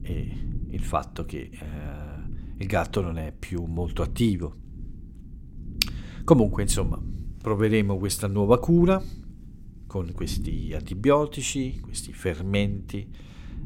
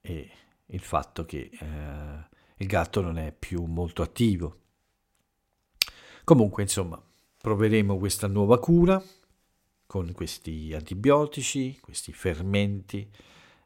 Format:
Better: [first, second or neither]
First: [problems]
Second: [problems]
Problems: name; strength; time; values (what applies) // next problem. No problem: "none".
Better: second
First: low rumble; faint; throughout; 20 dB below the speech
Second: none